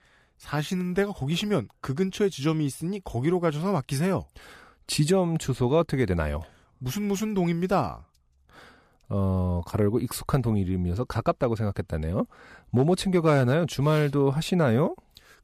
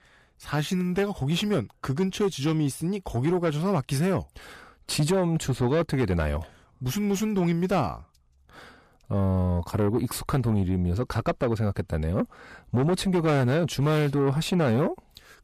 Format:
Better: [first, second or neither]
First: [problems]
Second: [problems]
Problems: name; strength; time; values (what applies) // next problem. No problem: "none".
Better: first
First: none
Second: distortion; slight; 10 dB below the speech